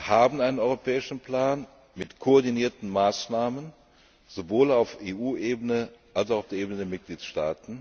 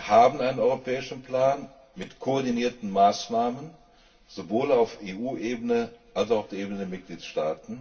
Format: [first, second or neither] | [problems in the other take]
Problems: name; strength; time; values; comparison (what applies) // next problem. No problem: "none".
first | room echo; dies away in 0.2 s